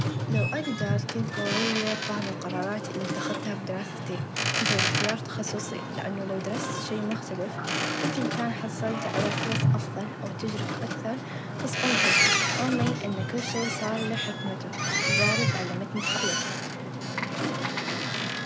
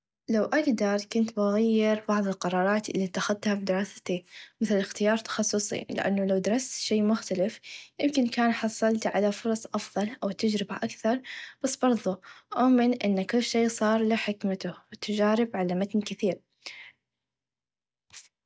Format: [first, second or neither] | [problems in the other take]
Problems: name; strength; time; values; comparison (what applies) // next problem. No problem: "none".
second | background sound (Boat, Water vehicle); 5 dB above the speech